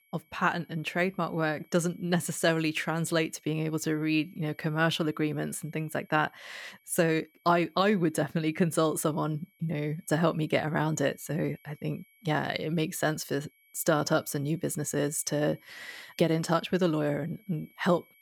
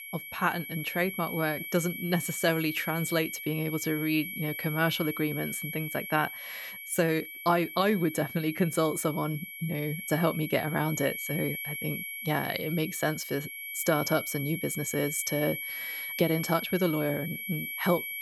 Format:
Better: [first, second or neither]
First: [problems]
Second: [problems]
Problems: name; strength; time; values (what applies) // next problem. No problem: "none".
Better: first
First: high-pitched whine; faint; throughout; 2.5 kHz, 30 dB below the speech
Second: high-pitched whine; loud; throughout; 2.5 kHz, 6 dB below the speech